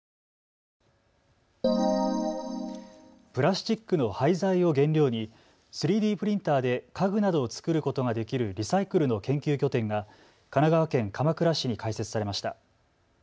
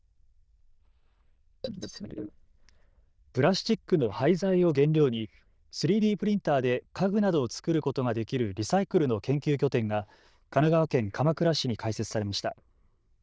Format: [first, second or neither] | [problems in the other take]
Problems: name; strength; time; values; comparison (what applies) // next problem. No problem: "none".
first | noise reduction (neural diffusion model UNIVERSE++)